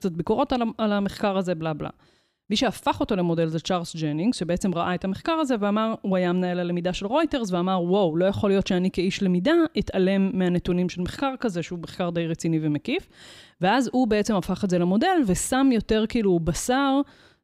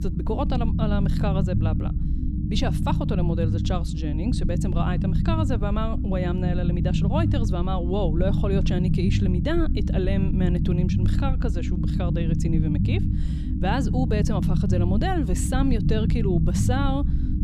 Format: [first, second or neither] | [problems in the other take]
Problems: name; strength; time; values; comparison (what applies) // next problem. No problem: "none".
first | low rumble; loud; throughout; 4 dB below the speech